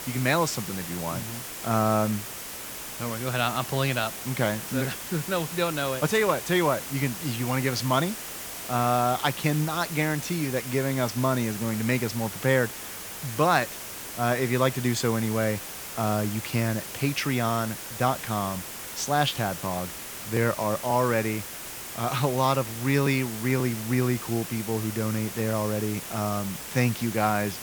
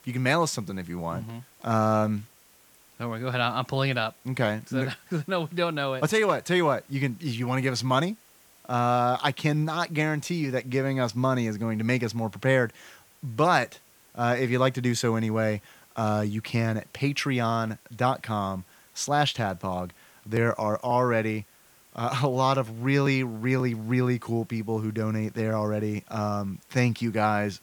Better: second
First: hiss; loud; throughout; 8 dB below the speech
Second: hiss; faint; throughout; 30 dB below the speech

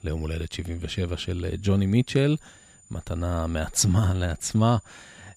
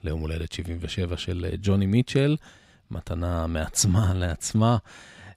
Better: second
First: high-pitched whine; faint; throughout; 7 kHz, 30 dB below the speech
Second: none

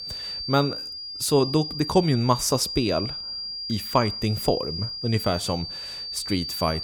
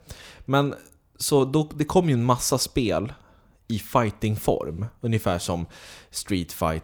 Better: second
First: high-pitched whine; loud; throughout; 4.5 kHz, 6 dB below the speech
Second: none

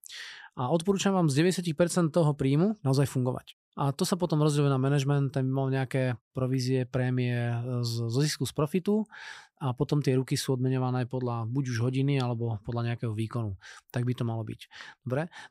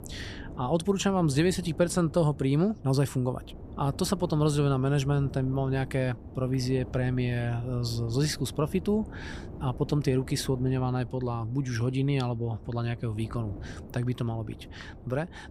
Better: first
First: none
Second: wind noise on the microphone; occasional gusts; 15 dB below the speech

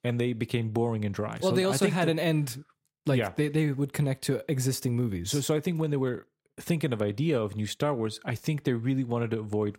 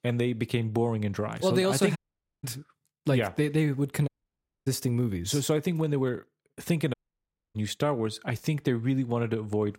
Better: first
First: none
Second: audio cutting out; at 2 s, at 4 s for 0.5 s and at 7 s for 0.5 s

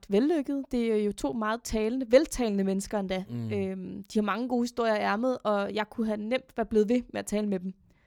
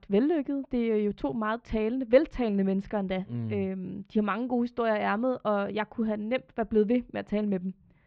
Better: first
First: none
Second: muffled; very; fading above 3 kHz

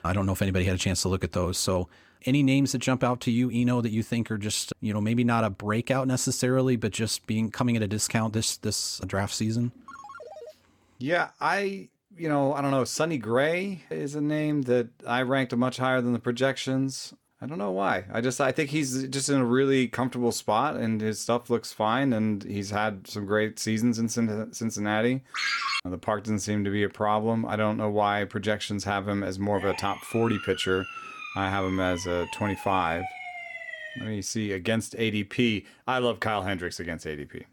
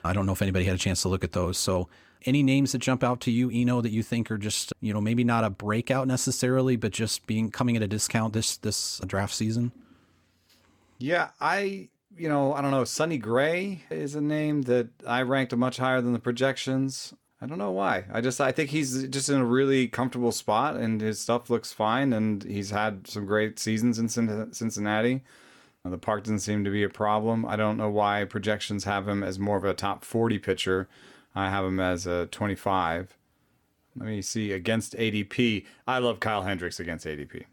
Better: second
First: phone ringing; faint; at 10 s; peak 15 dB below the speech // phone ringing; loud; at 25 s; peak 1 dB above the speech // siren; noticeable; from 30 to 34 s; peak 8 dB below the speech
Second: none

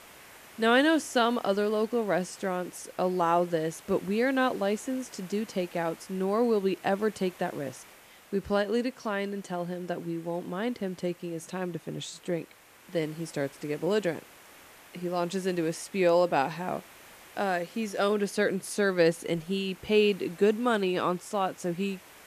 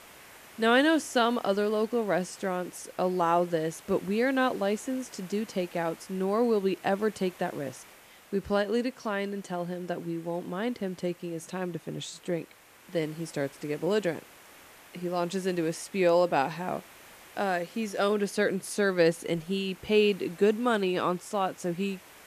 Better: neither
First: hiss; faint; throughout; 20 dB below the speech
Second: hiss; faint; throughout; 20 dB below the speech

